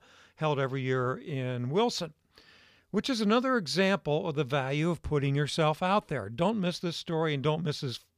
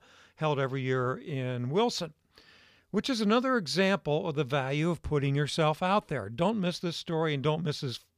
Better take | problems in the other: neither | none

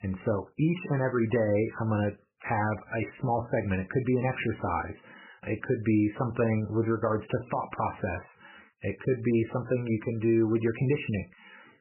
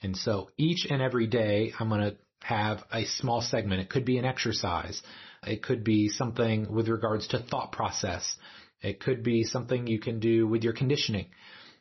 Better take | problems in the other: second | garbled, watery; badly; nothing above 3 kHz; slightly in the second

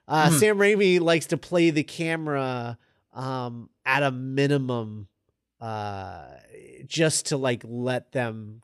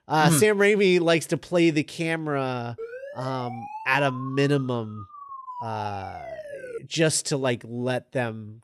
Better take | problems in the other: first | siren; faint; from 3 to 7 s; peak 10 dB below the speech

